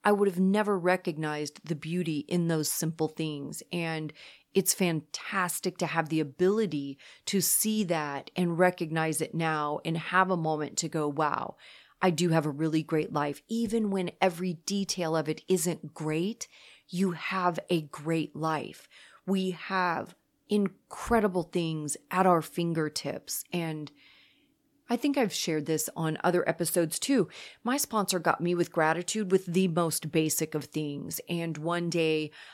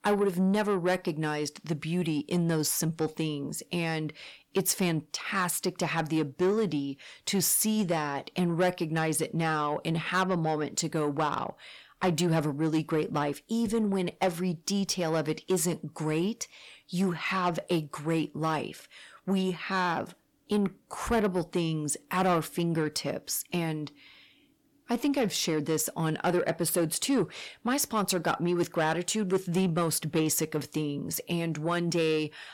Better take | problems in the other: first | distortion; slight; 10 dB below the speech

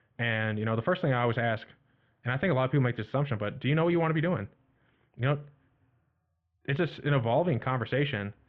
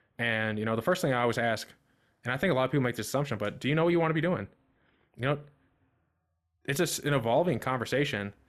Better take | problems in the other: second | muffled; very; fading above 3 kHz

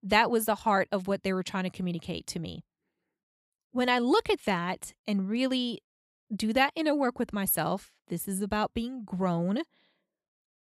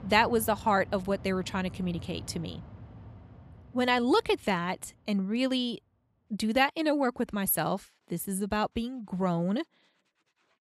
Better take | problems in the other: first | machinery noise; noticeable; throughout; 20 dB below the speech

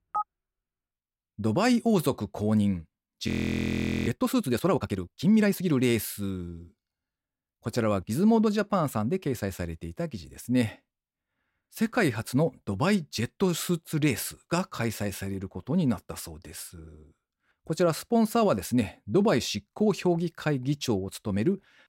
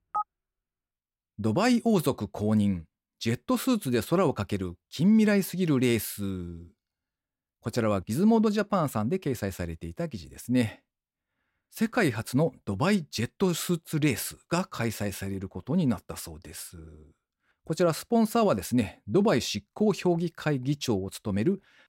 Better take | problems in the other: second | audio freezing; at 3.5 s for 1 s

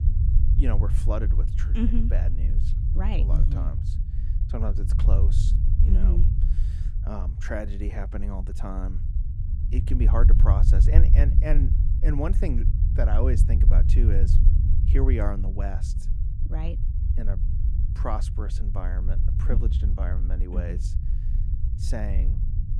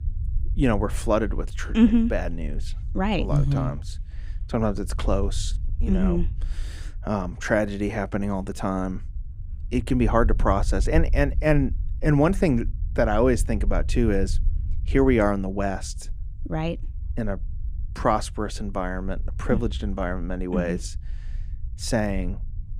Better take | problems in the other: second | low rumble; loud; throughout; 6 dB below the speech; faint in the second

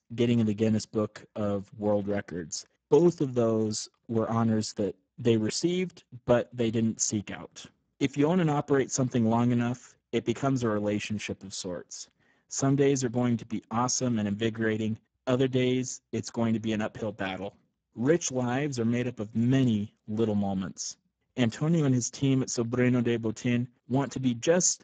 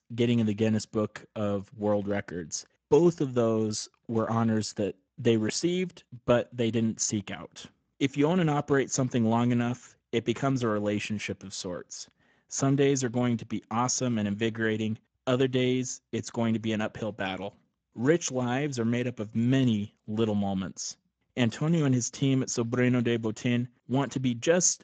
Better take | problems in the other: second | garbled, watery; badly; nothing above 7.5 kHz; slightly in the second

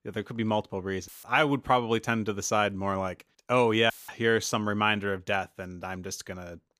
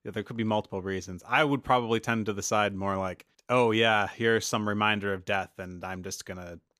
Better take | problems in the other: second | audio cutting out; filled with static; at 1 s and at 4 s

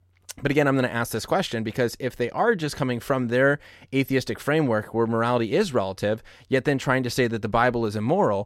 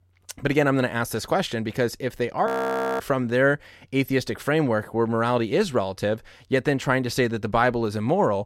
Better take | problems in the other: first | audio freezing; at 2.5 s for 0.5 s

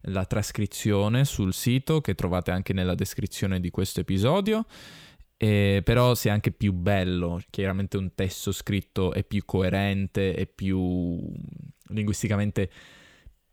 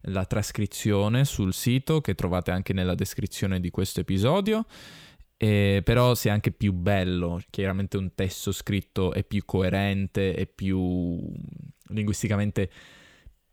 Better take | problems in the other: neither | none

